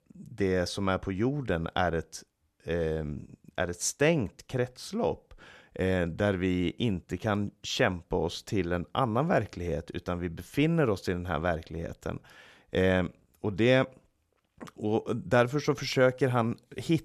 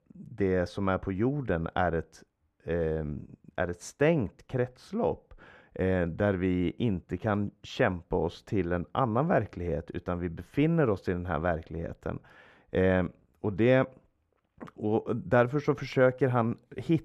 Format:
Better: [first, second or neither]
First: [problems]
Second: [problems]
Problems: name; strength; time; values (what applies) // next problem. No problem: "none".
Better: first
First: none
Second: muffled; slightly; fading above 3 kHz